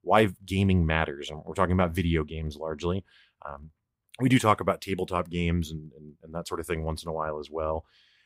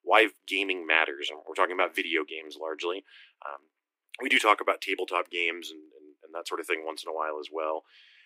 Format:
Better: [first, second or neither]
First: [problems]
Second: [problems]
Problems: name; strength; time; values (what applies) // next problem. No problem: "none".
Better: first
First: none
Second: thin; very; fading below 300 Hz